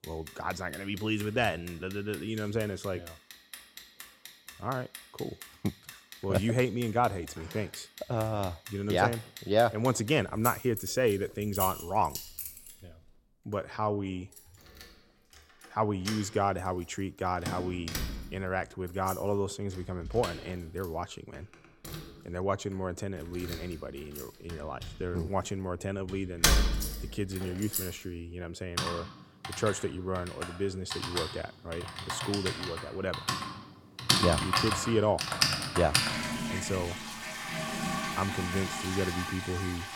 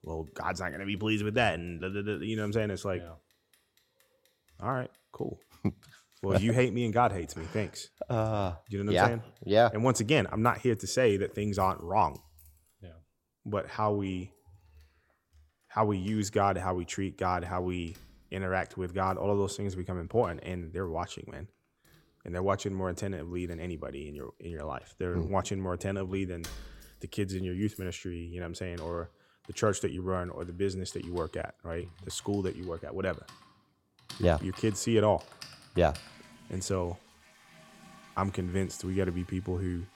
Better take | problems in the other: second | household noises; loud; throughout; 1 dB below the speech; faint in the second

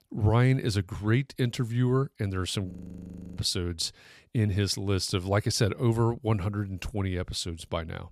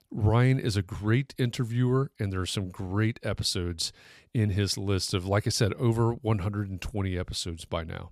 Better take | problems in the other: second | audio freezing; at 2.5 s for 0.5 s

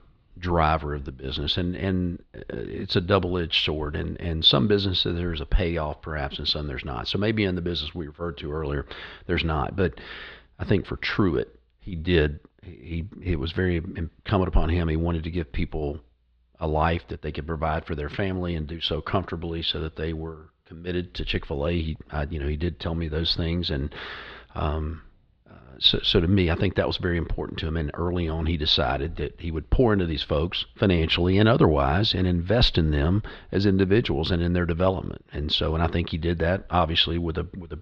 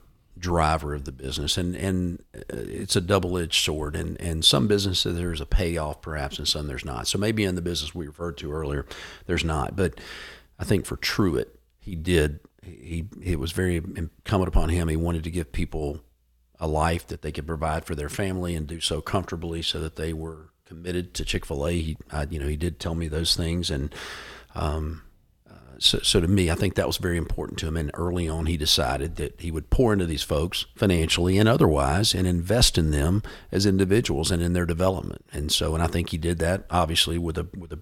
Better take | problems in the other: second | muffled; very slightly; fading above 4 kHz

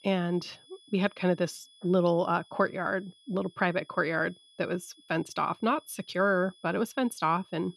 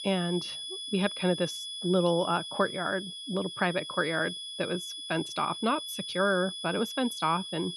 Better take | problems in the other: first | high-pitched whine; loud; throughout; 3.5 kHz, 6 dB below the speech; faint in the first

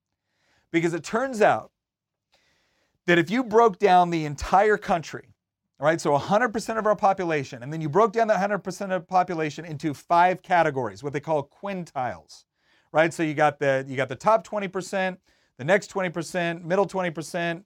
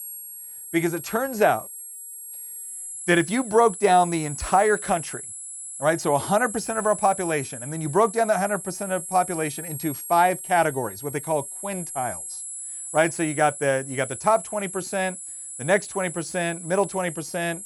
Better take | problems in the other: first | high-pitched whine; loud; throughout; 11 kHz, 9 dB below the speech

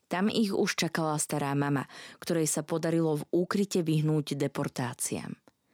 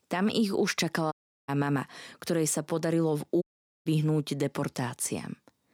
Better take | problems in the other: first | audio cutting out; at 1 s and at 3.5 s

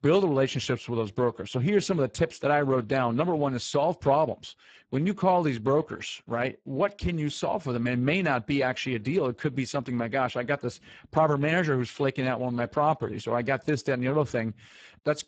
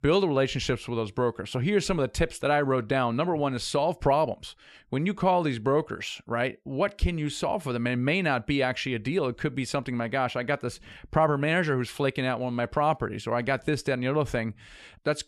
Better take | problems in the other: second | garbled, watery; badly; nothing above 7.5 kHz

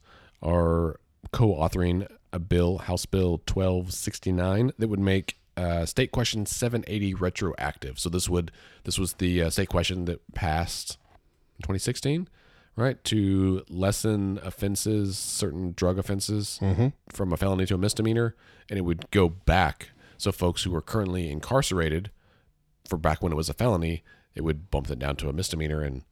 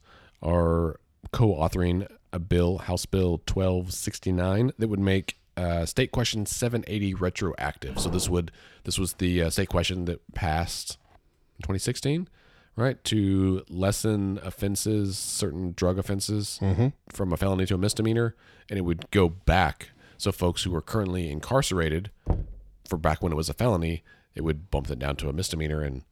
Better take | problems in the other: first | footsteps; noticeable; at 8 s; peak 8 dB below the speech // door banging; noticeable; at 22 s; peak 4 dB below the speech

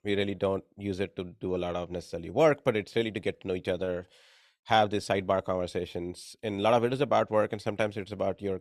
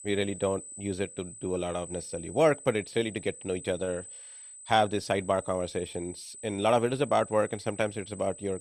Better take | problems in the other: first | high-pitched whine; noticeable; throughout; 8 kHz, 15 dB below the speech

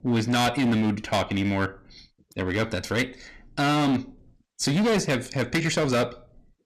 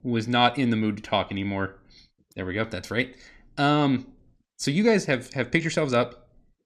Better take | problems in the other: second | distortion; heavy; 15% of the sound clipped

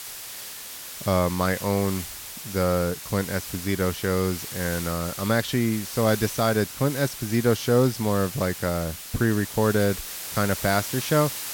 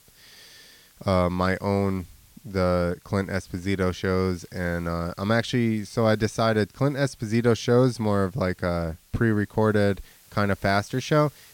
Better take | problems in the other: second | hiss; loud; throughout; 8 dB below the speech; faint in the second

